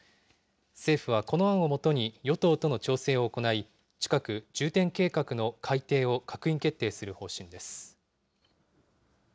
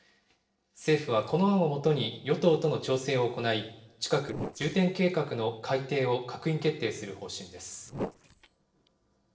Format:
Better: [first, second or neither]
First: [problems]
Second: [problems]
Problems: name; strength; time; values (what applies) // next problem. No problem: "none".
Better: first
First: none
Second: noise reduction (neural separator model SepFormer DNS4)